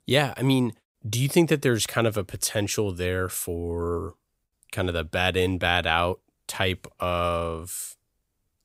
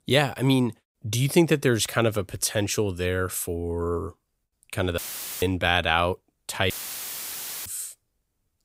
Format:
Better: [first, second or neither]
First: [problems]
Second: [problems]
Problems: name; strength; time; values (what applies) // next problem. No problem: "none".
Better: first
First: none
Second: audio cutting out; filled with static; at 5 s and at 6.5 s for 1 s